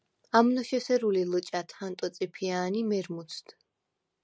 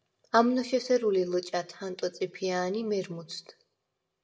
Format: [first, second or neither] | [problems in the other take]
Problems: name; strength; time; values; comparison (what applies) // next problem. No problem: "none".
first | room echo; dies away in 0.5 s